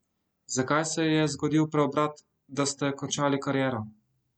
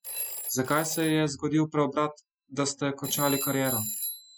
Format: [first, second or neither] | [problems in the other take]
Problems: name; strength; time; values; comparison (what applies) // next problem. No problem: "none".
first | noise reduction (classical method Wiener filter)